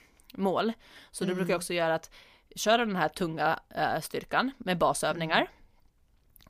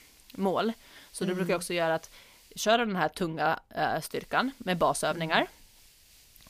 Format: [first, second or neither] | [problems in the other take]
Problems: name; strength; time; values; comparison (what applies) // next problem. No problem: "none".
first | hiss; faint; until 2.5 s and from 4 s on; 25 dB below the speech